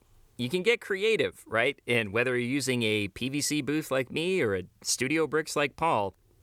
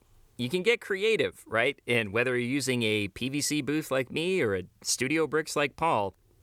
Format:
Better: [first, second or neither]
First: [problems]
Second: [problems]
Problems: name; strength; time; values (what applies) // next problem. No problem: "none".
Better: neither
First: none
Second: none